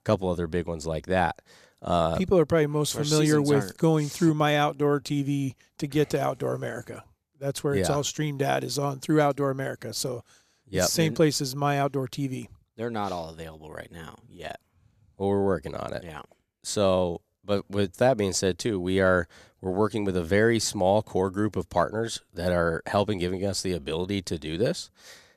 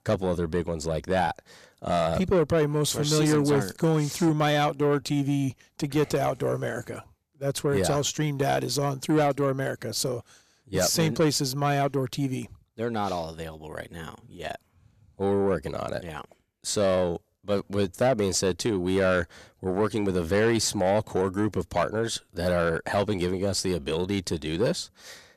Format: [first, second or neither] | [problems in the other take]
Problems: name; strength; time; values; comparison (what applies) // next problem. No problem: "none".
first | distortion; slight; 10 dB below the speech